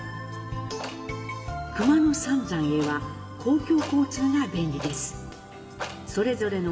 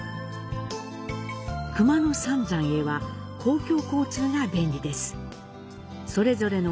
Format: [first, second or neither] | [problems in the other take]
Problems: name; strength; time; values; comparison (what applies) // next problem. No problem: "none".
second | background sound (Clock); 17 dB below the speech // room echo; dies away in 1.8 s